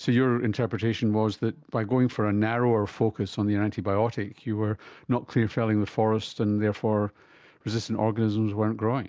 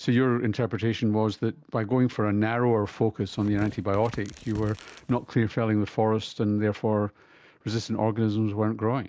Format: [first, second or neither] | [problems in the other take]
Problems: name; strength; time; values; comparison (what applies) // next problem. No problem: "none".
first | background sound (Tearing); 19 dB below the speech